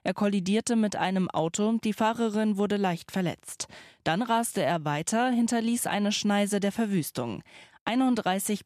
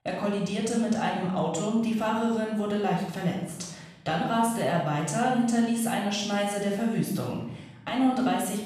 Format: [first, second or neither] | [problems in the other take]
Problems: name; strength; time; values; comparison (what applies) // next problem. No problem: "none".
first | room echo; noticeable; dies away in 0.8 s // off-mic speech; far